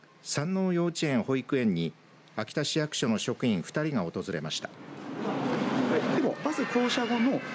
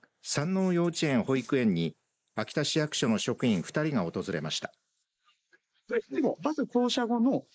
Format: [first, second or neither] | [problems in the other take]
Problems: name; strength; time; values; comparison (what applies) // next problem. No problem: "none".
first | noise reduction (neural mask model Resemble Enhance denoiser)